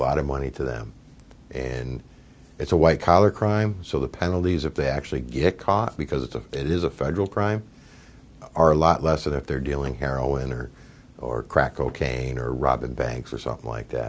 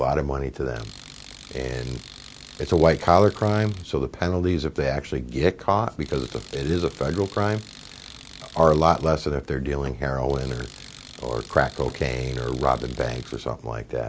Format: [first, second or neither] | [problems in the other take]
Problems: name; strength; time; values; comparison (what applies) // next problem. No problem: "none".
first | background sound (Tools); 20 dB below the speech